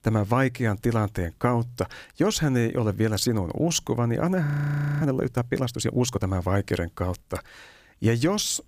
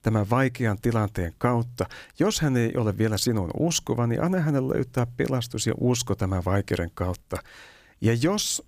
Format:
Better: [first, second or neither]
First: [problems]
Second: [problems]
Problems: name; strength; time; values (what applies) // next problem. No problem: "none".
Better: second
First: audio freezing; at 4.5 s for 0.5 s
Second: none